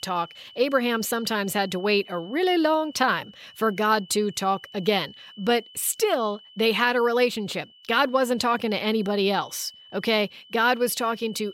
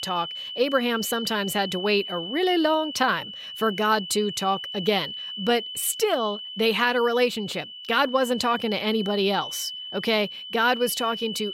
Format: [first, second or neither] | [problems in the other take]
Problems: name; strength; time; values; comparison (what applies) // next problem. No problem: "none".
first | high-pitched whine; loud; throughout; 3 kHz, 9 dB below the speech; faint in the first